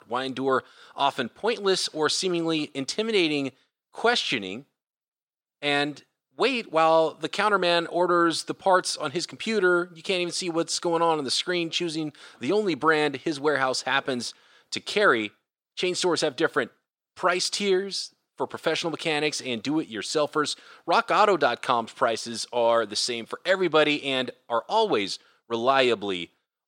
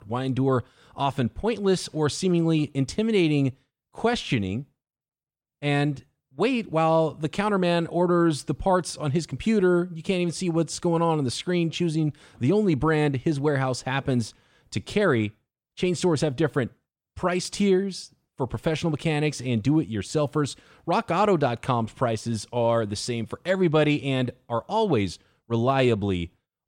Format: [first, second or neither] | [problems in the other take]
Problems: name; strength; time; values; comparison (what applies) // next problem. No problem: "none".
second | thin; somewhat; fading below 400 Hz